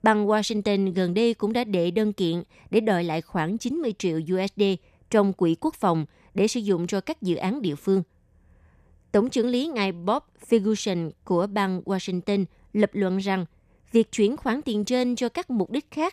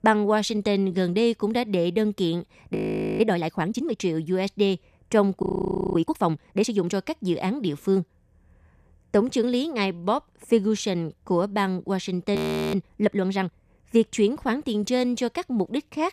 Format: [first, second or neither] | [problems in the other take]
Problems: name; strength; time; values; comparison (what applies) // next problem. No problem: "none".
first | audio freezing; at 3 s, at 5.5 s for 0.5 s and at 12 s